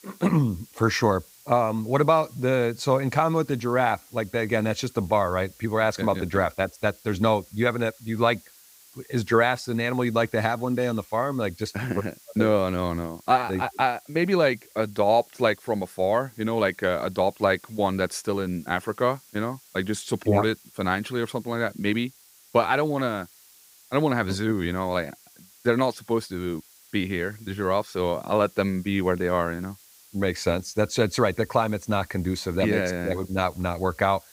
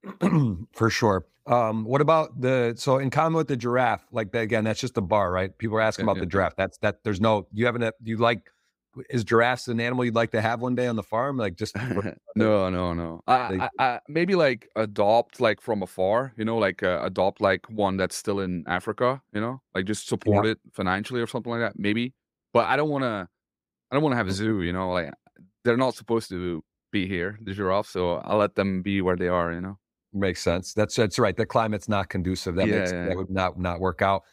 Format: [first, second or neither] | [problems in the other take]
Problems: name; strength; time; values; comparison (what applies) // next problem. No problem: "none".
second | hiss; faint; throughout; 25 dB below the speech